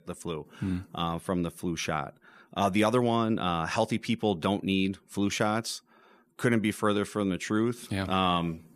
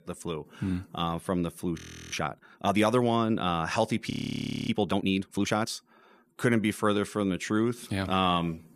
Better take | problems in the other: first | audio freezing; at 2 s and at 4 s for 0.5 s

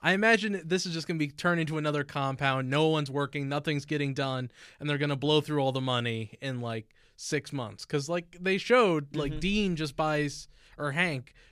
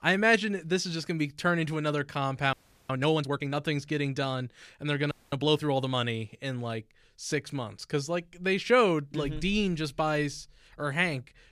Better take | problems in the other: first | audio freezing; at 2.5 s and at 5 s

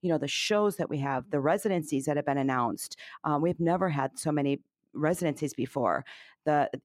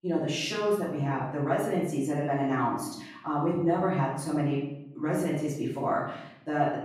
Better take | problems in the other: first | room echo; noticeable; dies away in 0.7 s // off-mic speech; far

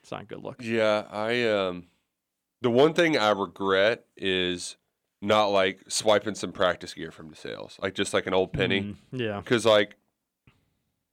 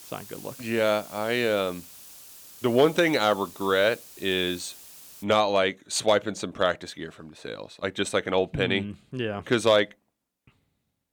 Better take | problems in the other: first | hiss; noticeable; until 5 s; 20 dB below the speech

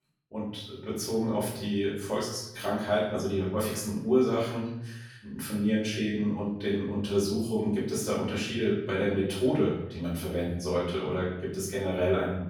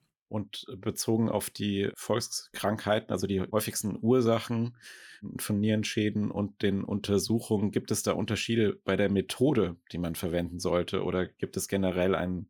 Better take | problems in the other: second | off-mic speech; far // room echo; noticeable; dies away in 0.7 s

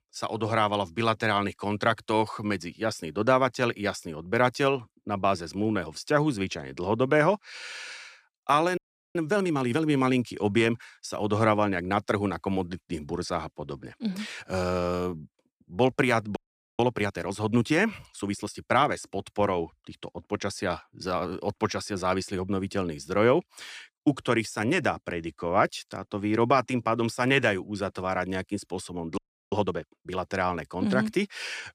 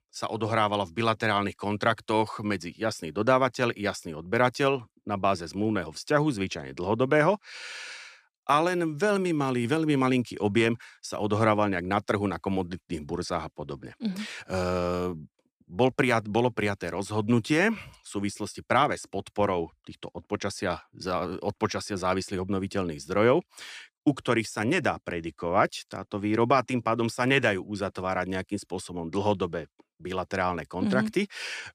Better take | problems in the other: second | audio freezing; at 9 s, at 16 s and at 29 s

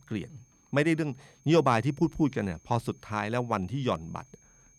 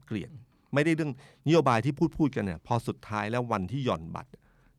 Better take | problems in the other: second | high-pitched whine; faint; throughout; 6.5 kHz, 30 dB below the speech

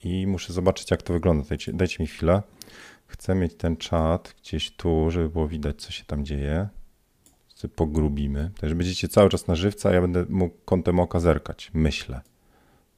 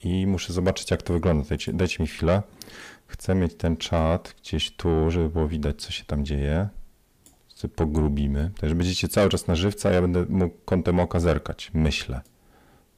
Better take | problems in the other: first | distortion; slight; 10 dB below the speech

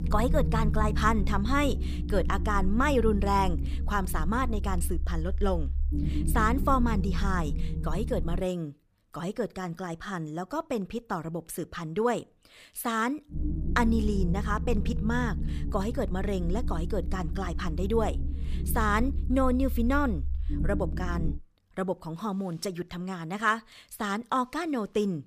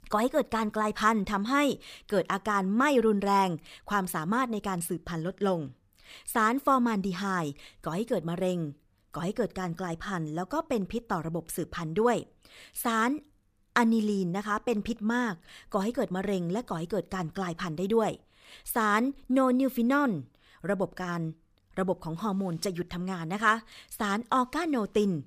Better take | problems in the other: second | low rumble; noticeable; until 8.5 s and from 13 to 21 s; 15 dB below the speech

